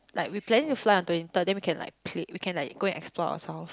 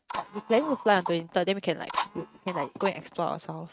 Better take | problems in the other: first | noise reduction (neural mask model RNNoise)

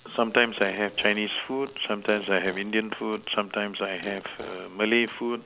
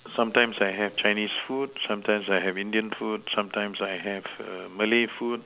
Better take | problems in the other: second | background sound (Fart); 20 dB below the speech

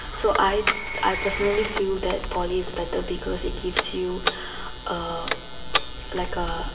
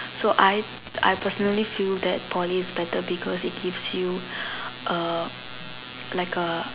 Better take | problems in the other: second | background sound (Telephone); 4 dB below the speech // room echo; dies away in 1.6 s

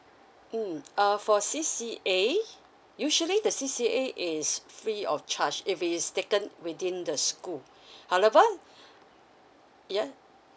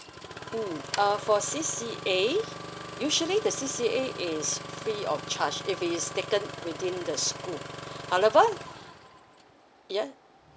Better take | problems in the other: first | background sound (Engine starting); 11 dB below the speech

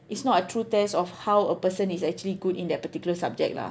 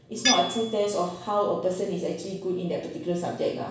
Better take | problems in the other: first | background sound (Tools); 7 dB below the speech // room echo; dies away in 0.7 s

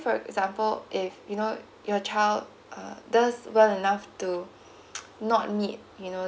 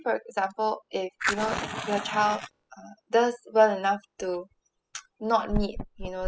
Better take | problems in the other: first | noise reduction (classical method spectral subtraction)

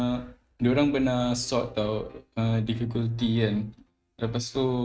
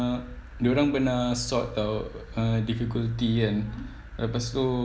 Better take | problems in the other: second | noise reduction (neural mask model RNNoise)

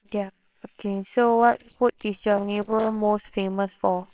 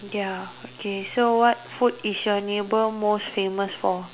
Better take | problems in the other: second | noise reduction (neural separator model SepFormer WHAMR!)

